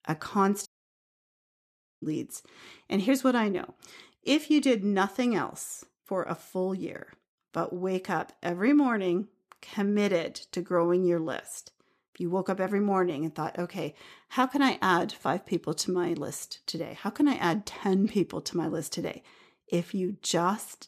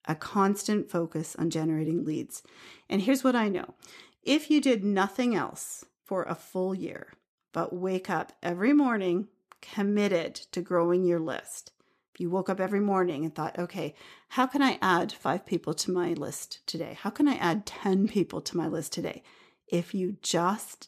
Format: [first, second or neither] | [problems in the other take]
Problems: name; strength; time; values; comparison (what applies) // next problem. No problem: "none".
second | audio cutting out; at 0.5 s for 1.5 s